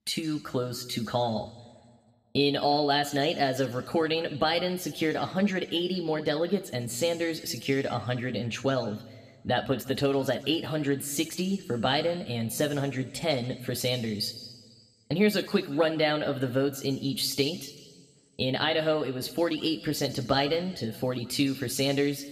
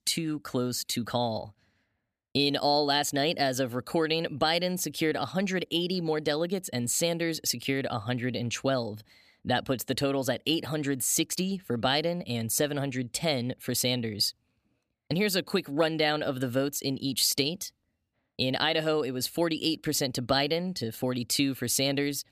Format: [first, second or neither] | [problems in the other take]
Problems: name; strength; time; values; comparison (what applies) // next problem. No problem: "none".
second | room echo; very slight; dies away in 1.3 s